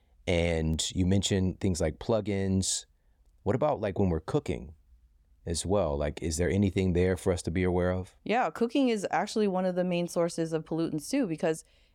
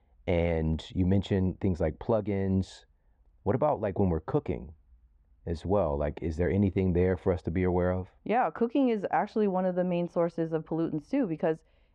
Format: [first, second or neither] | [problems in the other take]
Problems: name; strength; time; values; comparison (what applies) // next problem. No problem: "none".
first | muffled; very; fading above 2 kHz